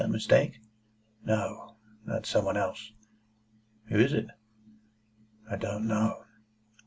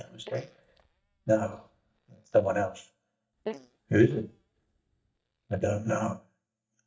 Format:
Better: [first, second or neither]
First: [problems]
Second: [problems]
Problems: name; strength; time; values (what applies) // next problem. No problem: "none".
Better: first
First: none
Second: noise reduction (neural mask model DeepFilterNet 3)